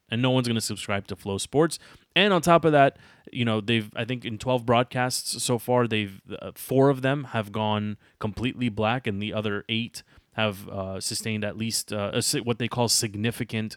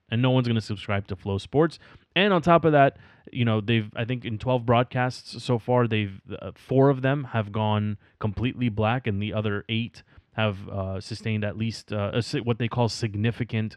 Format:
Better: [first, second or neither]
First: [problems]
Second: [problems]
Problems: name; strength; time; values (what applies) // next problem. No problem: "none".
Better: first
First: none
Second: muffled; slightly; fading above 3 kHz